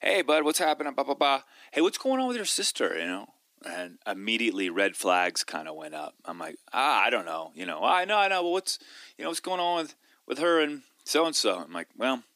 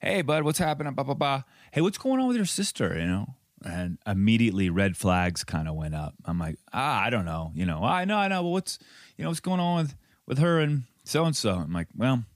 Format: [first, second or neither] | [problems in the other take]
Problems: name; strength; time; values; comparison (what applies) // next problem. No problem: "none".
second | thin; somewhat; fading below 300 Hz